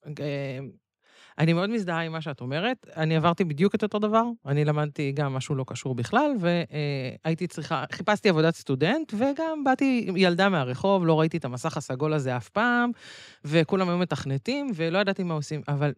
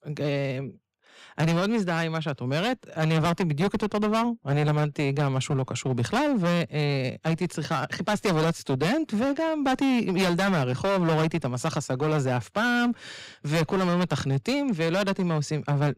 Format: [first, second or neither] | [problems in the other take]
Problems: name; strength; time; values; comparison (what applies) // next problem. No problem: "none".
first | distortion; heavy; 16% of the sound clipped